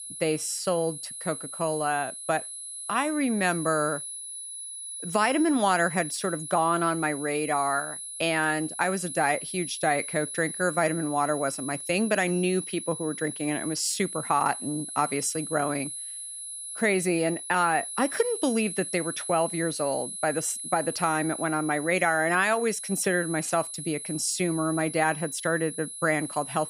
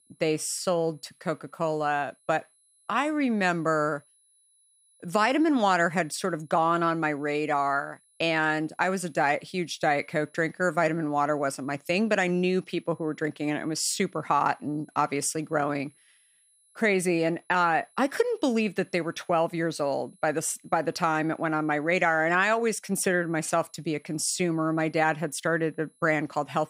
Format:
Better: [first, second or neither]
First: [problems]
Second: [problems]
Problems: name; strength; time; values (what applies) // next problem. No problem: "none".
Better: second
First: high-pitched whine; loud; throughout; 10.5 kHz, 7 dB below the speech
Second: high-pitched whine; faint; throughout; 10.5 kHz, 35 dB below the speech